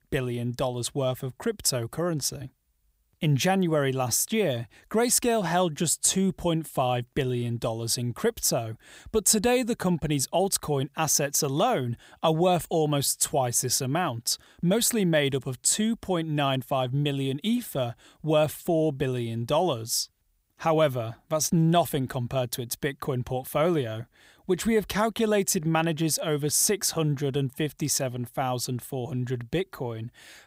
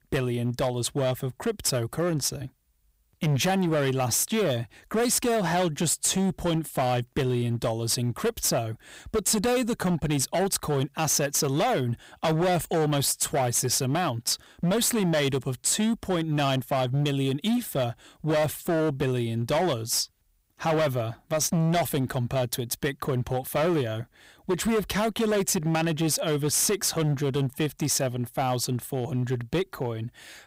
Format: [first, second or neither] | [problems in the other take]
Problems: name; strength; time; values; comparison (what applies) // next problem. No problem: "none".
first | distortion; slight; 14% of the sound clipped